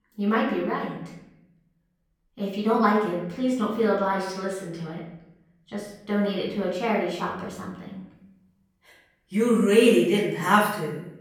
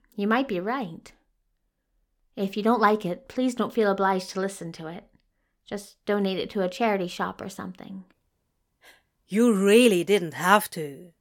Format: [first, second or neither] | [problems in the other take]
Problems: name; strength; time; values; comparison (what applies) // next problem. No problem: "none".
second | off-mic speech; far // room echo; noticeable; dies away in 0.9 s